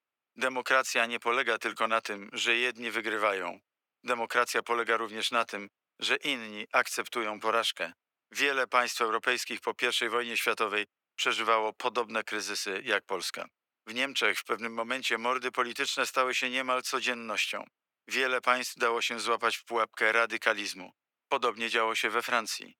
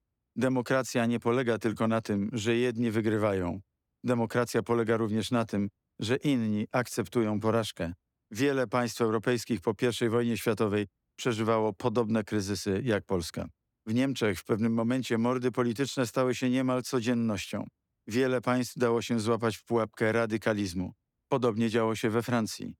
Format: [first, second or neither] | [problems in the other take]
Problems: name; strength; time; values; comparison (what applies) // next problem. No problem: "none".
second | thin; very; fading below 650 Hz